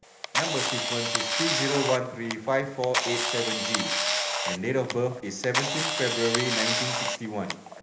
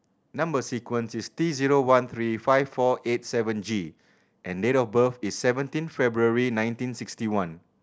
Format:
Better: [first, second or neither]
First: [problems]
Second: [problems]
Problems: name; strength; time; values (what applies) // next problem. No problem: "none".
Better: second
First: background sound (Camera); 1 dB above the speech // room echo; dies away in 0.8 s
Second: none